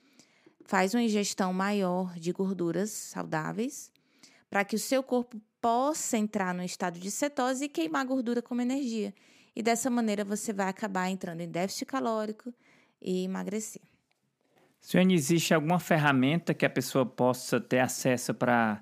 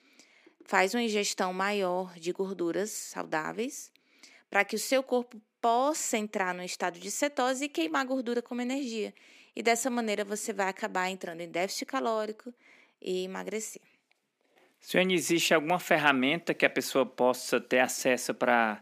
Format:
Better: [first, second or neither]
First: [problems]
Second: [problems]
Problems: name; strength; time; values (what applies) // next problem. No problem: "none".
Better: first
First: none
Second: thin; very slightly; fading below 350 Hz